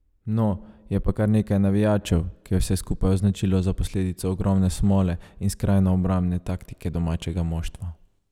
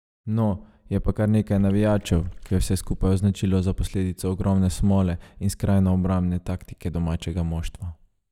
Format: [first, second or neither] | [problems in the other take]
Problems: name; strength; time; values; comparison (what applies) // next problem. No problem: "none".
first | noise reduction (neural mask model DeepFilterNet 3)